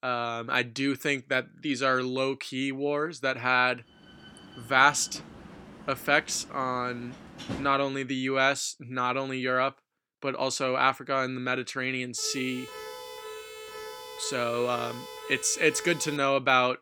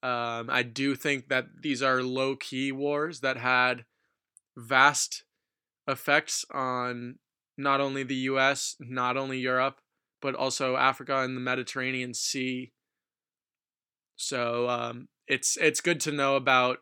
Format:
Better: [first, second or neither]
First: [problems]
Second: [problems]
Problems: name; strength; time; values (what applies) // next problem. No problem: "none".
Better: second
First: door banging; faint; from 4 to 7.5 s; peak 10 dB below the speech // siren; faint; from 12 to 16 s; peak 15 dB below the speech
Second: none